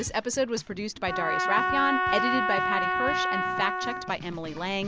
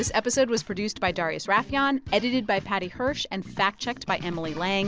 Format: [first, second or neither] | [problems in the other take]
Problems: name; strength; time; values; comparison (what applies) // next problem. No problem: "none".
second | background sound (Trumpet); 1 dB above the speech